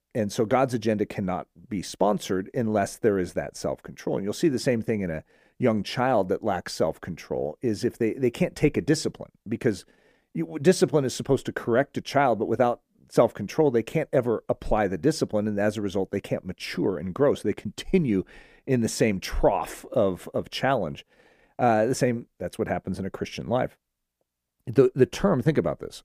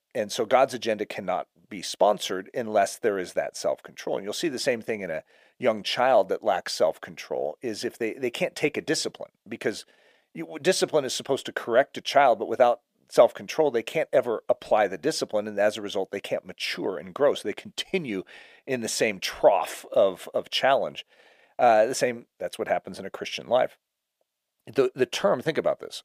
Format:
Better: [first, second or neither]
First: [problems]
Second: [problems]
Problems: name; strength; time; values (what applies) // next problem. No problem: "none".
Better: first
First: none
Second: thin; somewhat; fading below 750 Hz